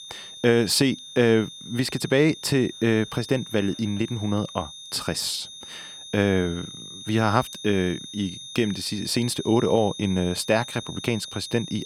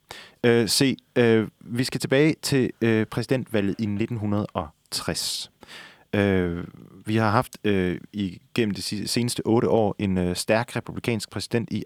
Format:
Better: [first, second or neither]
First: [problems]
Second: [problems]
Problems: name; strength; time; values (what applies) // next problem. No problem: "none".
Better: second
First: high-pitched whine; noticeable; throughout; 3.5 kHz, 15 dB below the speech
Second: none